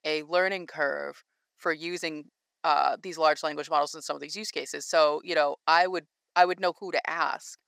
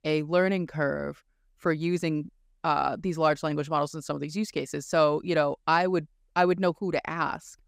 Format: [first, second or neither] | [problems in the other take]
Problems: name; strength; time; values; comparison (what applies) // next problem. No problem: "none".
second | thin; very; fading below 500 Hz